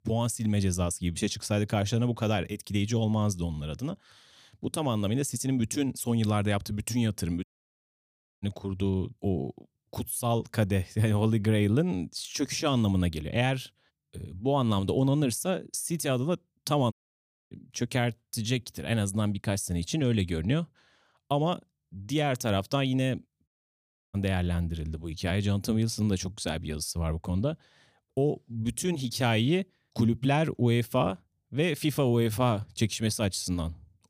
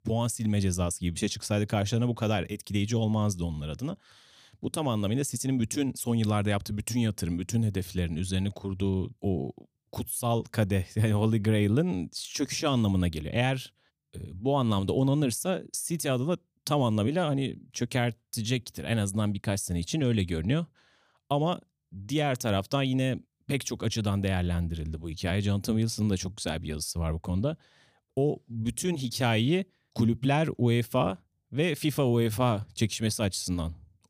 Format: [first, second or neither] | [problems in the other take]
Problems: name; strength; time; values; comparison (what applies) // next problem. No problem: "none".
second | audio cutting out; at 7.5 s for 1 s, at 17 s for 0.5 s and at 23 s for 0.5 s